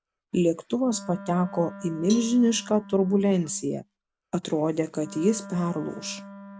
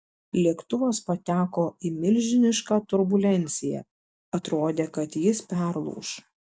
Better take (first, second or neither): second